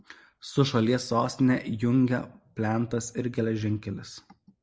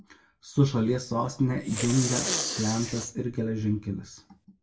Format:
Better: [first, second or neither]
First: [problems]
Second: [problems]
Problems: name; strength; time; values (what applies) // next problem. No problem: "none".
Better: first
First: none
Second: background sound (Respiratory sounds); 6 dB below the speech // room echo; dies away in 0.2 s